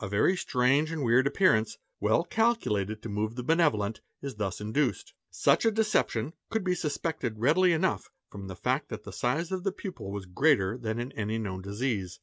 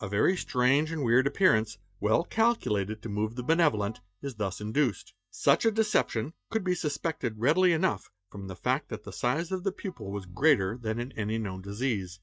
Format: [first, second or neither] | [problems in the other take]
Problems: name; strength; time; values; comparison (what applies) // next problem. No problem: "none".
first | noise reduction (neural mask model DeepFilterNet 3)